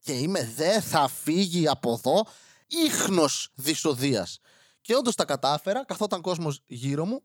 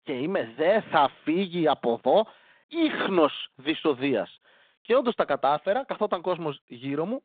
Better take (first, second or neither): first